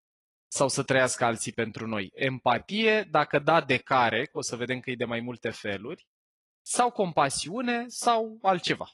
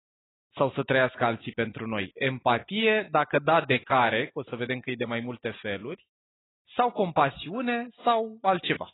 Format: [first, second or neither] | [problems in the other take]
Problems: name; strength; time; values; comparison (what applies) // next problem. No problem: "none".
first | garbled, watery; badly; nothing above 4 kHz; slightly in the first